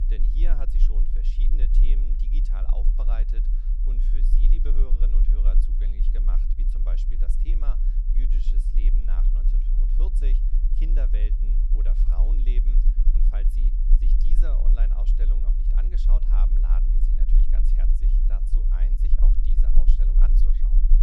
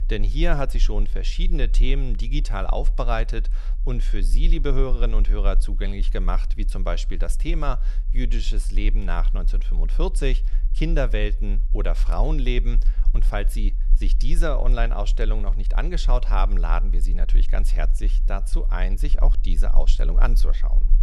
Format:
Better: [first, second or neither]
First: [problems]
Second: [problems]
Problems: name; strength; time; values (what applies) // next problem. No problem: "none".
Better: second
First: low rumble; loud; throughout; 2 dB below the speech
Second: low rumble; faint; throughout; 20 dB below the speech